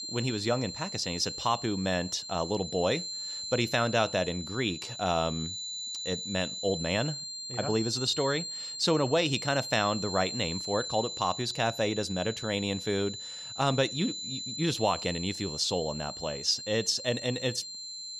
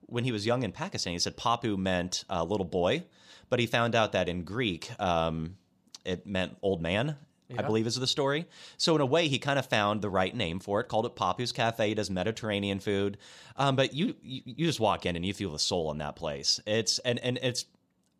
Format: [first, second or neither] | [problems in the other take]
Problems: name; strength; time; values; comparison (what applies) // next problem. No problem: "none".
second | high-pitched whine; loud; throughout; 4 kHz, 6 dB below the speech